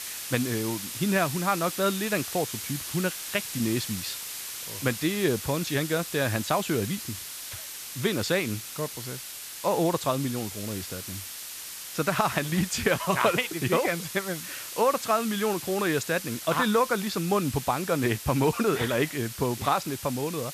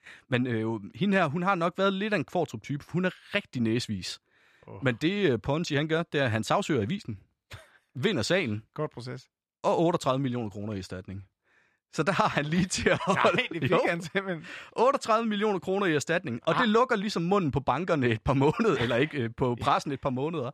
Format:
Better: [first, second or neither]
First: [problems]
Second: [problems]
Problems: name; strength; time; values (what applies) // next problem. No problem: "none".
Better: second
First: hiss; loud; throughout; 8 dB below the speech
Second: none